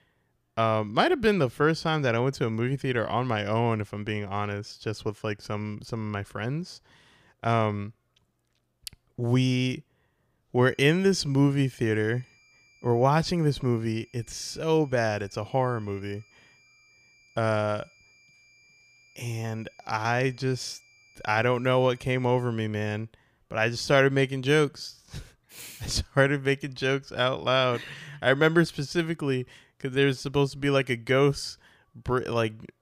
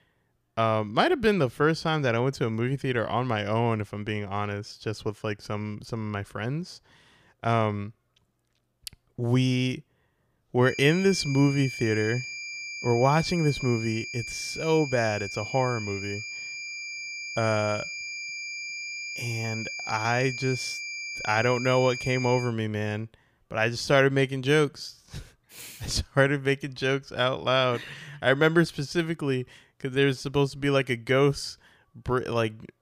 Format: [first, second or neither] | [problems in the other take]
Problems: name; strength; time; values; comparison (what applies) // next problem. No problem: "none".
first | high-pitched whine; loud; from 11 to 22 s; 2.5 kHz, 7 dB below the speech; faint in the first